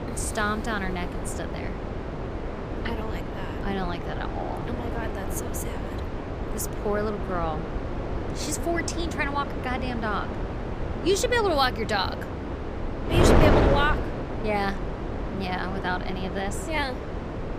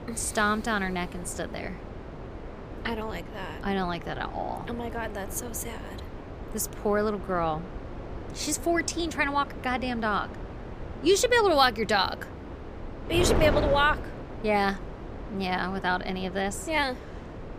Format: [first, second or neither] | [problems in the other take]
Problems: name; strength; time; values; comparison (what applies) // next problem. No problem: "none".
second | wind noise on the microphone; heavy; 4 dB below the speech; occasional gusts in the second